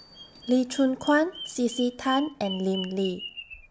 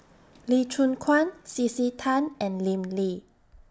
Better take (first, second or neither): second